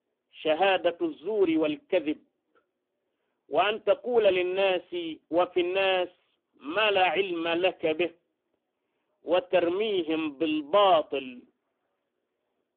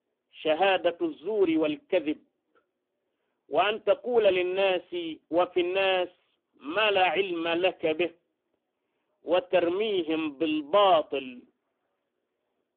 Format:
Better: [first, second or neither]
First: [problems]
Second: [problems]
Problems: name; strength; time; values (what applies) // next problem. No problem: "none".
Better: neither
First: phone-call audio; poor line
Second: phone-call audio; poor line